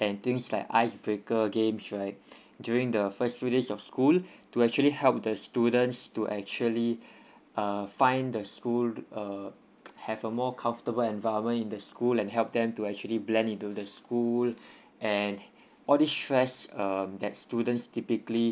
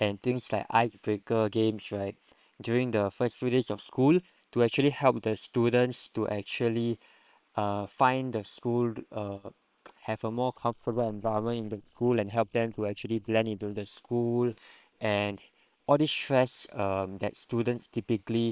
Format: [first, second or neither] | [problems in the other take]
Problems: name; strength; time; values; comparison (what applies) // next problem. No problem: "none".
first | noise reduction (neural separator model SepFormer WHAM!)